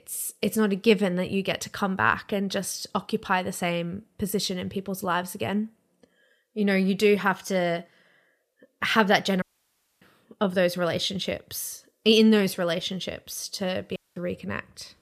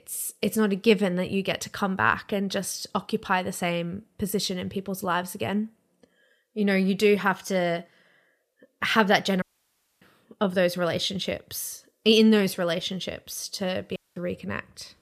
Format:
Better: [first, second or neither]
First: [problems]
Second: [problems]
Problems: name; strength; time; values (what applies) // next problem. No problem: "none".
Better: neither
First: audio cutting out; at 9.5 s for 0.5 s and at 14 s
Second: audio cutting out; at 9.5 s for 0.5 s and at 14 s